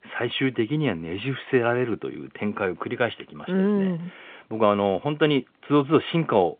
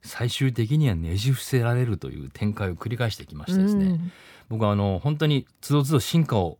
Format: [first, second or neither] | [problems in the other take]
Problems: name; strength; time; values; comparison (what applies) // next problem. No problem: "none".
second | phone-call audio; nothing above 3.5 kHz